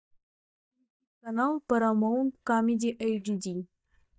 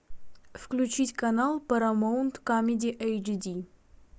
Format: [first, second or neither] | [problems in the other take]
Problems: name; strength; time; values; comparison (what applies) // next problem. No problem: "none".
second | noise reduction (neural mask model DeepFilterNet 3)